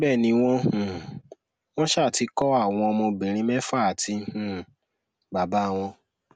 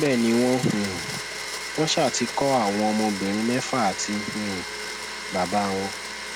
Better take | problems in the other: first | background sound (Domestic sounds, home sounds); 7 dB below the speech

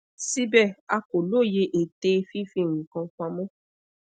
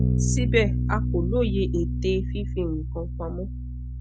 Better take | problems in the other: first | background sound (Bass guitar); 3 dB above the speech

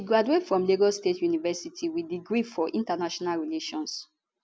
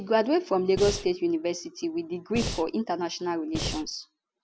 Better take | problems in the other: first | background sound (Breathing); 5 dB below the speech

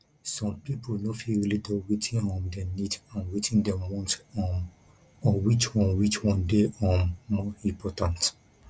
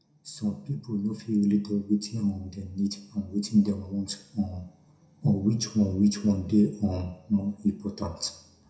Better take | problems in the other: first | room echo; dies away in 0.6 s

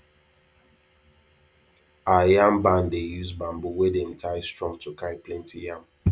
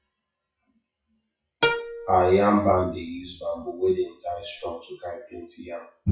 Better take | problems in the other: first | noise reduction (classical method WPE with log-MMSE)

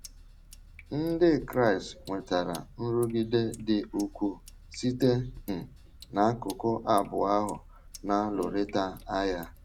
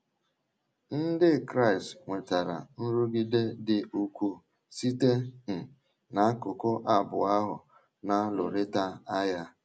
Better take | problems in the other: second | background sound (Sink (filling or washing)); 19 dB below the speech

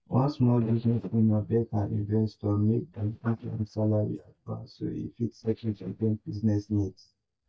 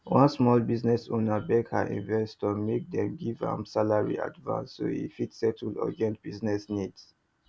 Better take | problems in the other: second | noise reduction (neural mask model DeepFilterNet 3)

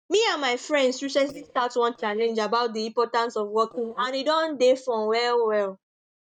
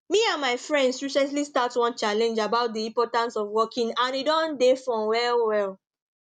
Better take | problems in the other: second | noise reduction (neural mask model DeepFilterNet 3)

